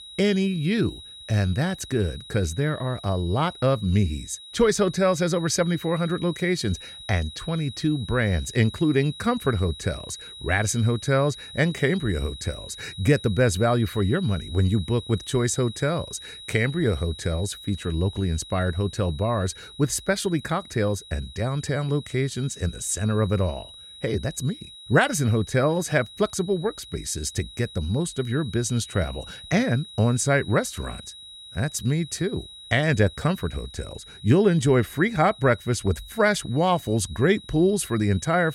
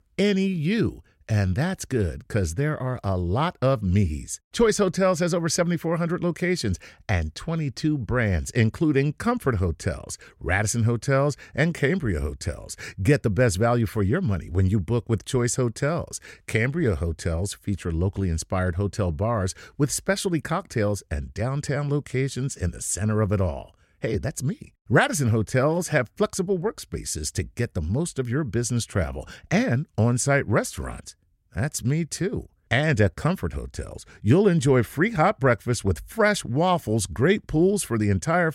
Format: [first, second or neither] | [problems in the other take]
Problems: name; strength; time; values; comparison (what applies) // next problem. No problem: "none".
second | high-pitched whine; noticeable; throughout; 4 kHz, 15 dB below the speech